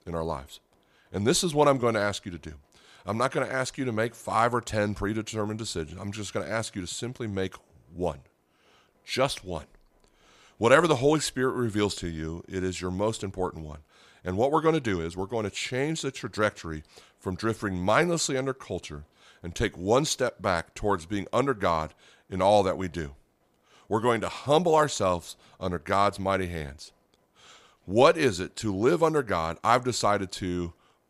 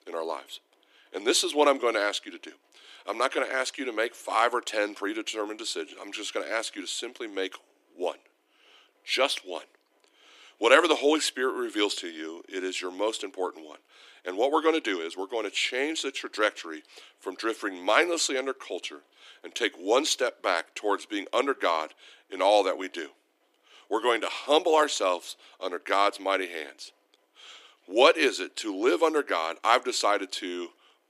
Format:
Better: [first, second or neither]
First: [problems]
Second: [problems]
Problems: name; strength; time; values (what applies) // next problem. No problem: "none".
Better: first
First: none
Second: thin; somewhat; fading below 300 Hz